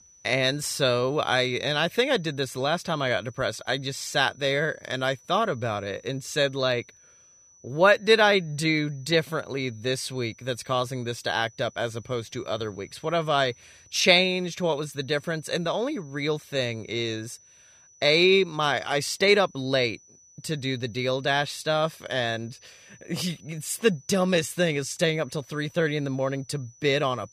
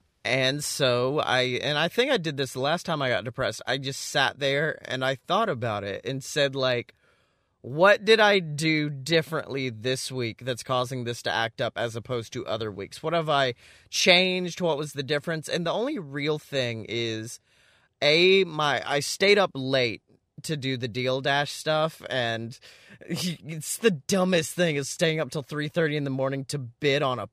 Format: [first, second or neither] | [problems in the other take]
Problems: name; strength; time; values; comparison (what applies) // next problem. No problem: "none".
second | high-pitched whine; faint; throughout; 6 kHz, 25 dB below the speech